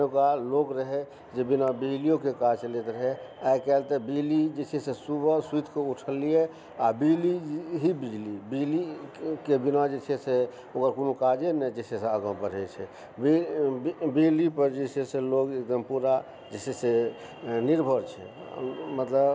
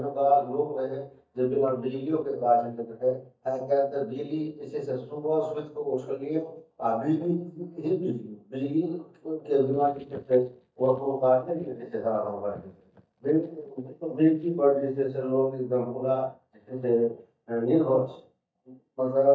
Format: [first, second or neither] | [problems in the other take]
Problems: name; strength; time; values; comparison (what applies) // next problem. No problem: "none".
first | noise reduction (neural mask model DeepFilterNet 3)